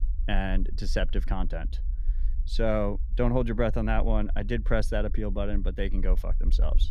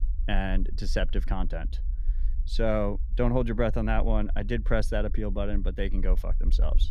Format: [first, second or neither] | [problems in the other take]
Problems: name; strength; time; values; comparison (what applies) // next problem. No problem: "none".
neither | low rumble; faint; throughout; 25 dB below the speech; the same in both